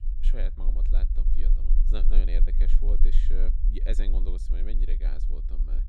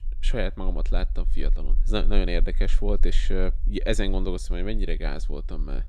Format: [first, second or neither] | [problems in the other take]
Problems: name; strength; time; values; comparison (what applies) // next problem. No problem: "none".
second | low rumble; loud; throughout; 8 dB below the speech; faint in the second